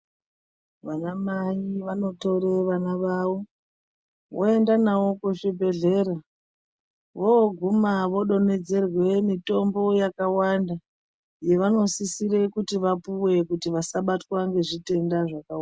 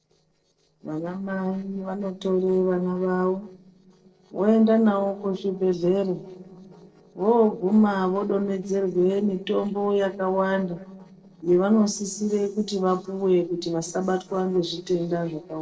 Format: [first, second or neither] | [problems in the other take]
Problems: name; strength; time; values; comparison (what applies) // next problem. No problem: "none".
first | noise reduction (neural separator model SepFormer DNS4)